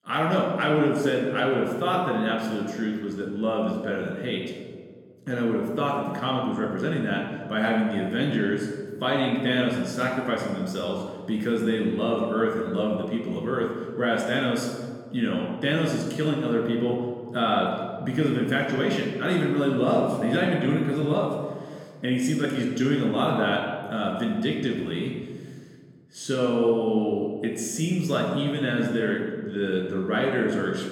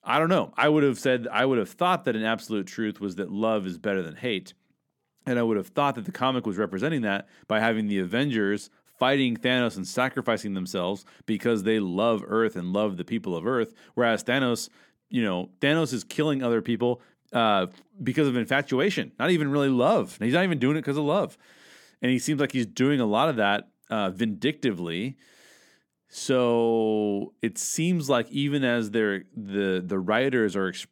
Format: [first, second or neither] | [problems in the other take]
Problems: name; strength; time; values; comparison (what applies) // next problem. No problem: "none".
second | off-mic speech; somewhat distant // room echo; noticeable; dies away in 1.5 s